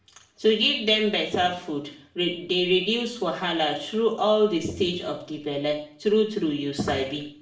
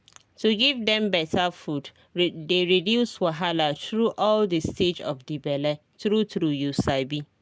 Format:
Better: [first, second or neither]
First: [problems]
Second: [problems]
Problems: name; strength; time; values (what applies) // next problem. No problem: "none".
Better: second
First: room echo; dies away in 0.5 s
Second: none